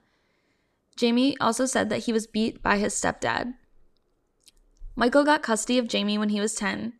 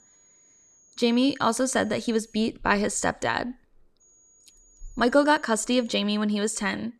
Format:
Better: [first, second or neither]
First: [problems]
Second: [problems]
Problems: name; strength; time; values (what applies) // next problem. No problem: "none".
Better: first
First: none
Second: high-pitched whine; faint; until 2.5 s and from 4 to 6 s; 6.5 kHz, 30 dB below the speech